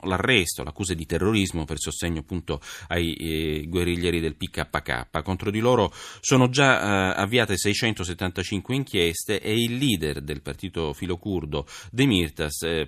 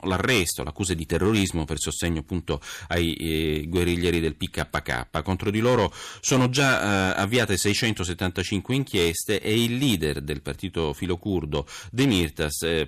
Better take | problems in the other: first | distortion; slight; 5% of the sound clipped

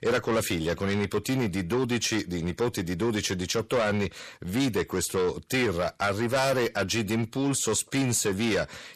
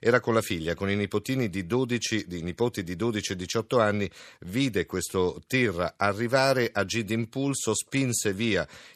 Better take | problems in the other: second | distortion; heavy; 7 dB below the speech

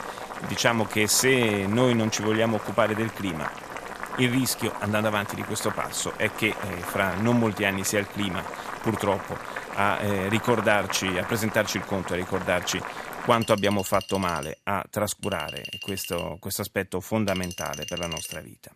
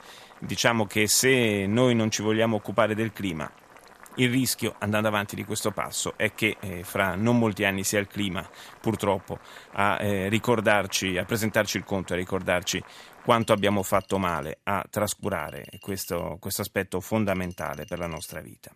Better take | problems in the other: second | household noises; loud; throughout; 9 dB below the speech; faint in the second

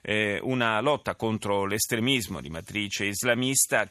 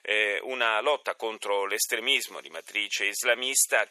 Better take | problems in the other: first | thin; very; fading below 450 Hz

